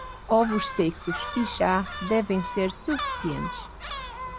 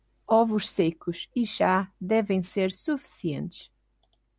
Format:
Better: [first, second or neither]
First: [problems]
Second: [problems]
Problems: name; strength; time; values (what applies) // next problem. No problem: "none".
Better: second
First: background sound (Gull, seagull); 8 dB below the speech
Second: none